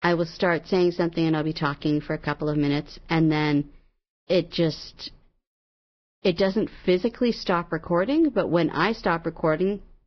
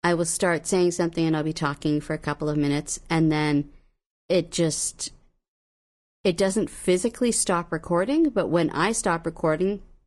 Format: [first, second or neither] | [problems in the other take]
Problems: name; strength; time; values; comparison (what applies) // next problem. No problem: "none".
second | garbled, watery; badly; nothing above 5.5 kHz; slightly in the second